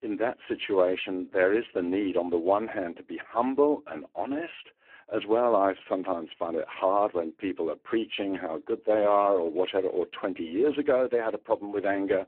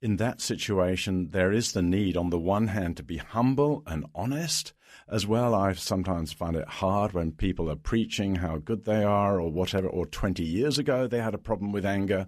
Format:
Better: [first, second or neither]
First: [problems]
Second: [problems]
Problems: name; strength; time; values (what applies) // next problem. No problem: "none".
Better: second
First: phone-call audio; poor line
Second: none